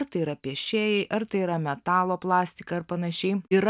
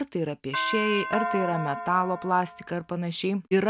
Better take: first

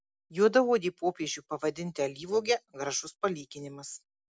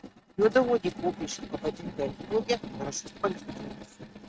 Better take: first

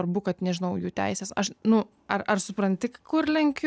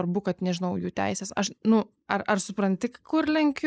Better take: first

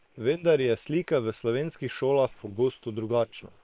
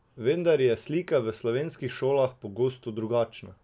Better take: second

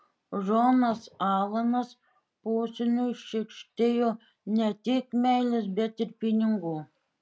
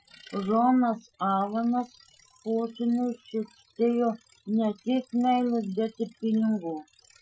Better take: first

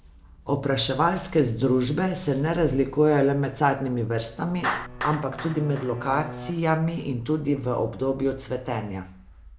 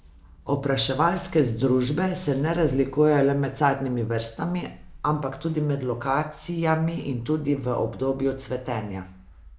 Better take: second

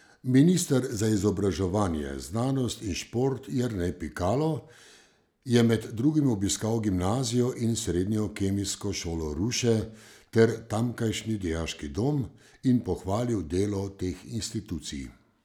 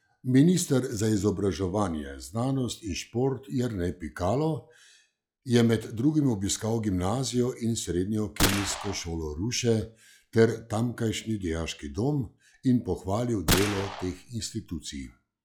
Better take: first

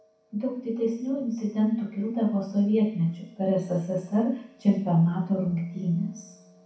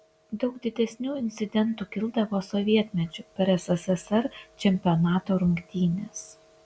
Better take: second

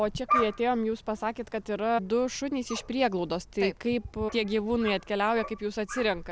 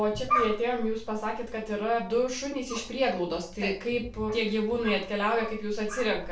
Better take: first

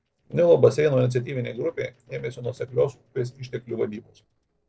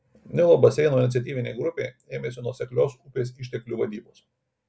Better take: second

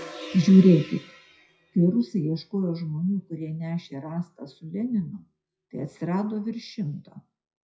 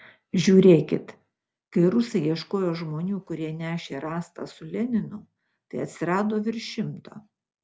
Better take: second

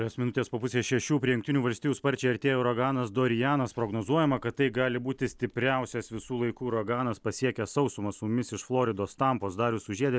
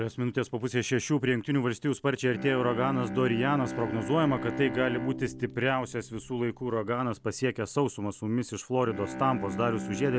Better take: first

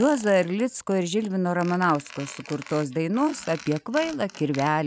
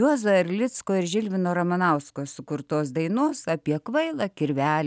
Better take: second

